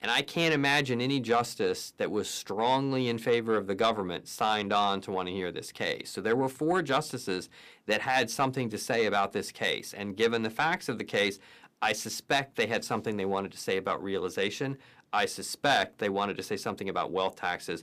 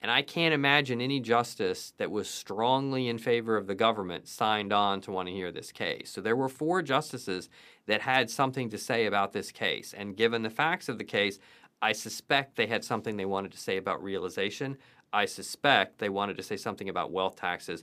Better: second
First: distortion; slight; 10 dB below the speech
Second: none

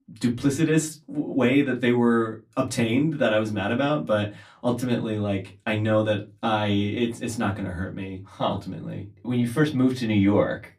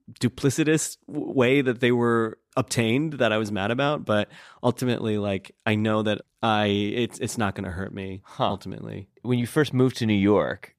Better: second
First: off-mic speech; far // room echo; very slight; dies away in 0.2 s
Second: none

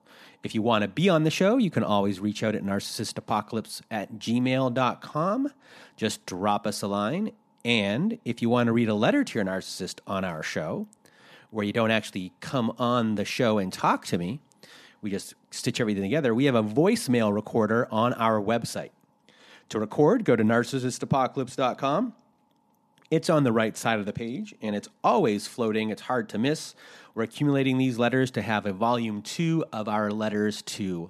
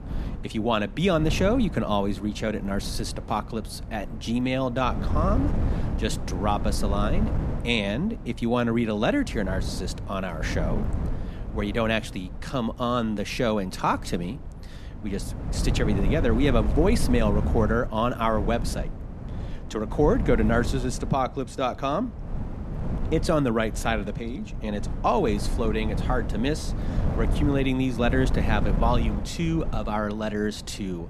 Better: first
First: none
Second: wind noise on the microphone; occasional gusts; 10 dB below the speech

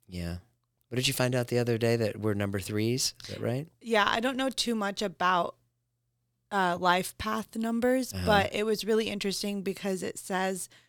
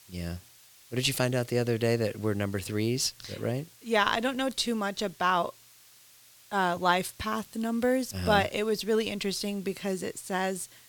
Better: first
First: none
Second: hiss; faint; throughout; 25 dB below the speech

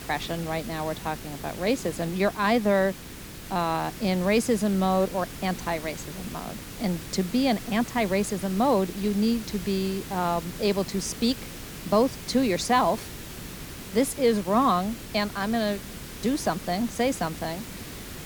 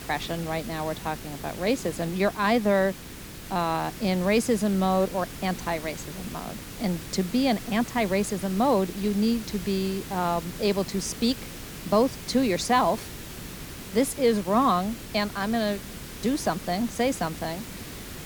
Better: neither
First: hiss; noticeable; throughout; 10 dB below the speech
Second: hiss; noticeable; throughout; 10 dB below the speech

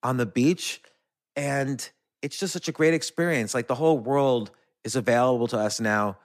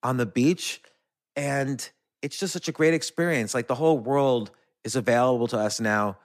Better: neither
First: none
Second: none

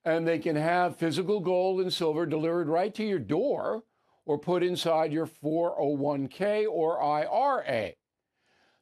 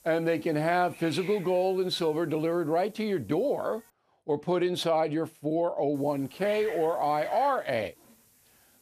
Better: first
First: none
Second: hiss; noticeable; until 4 s and from 6 s on; 20 dB below the speech

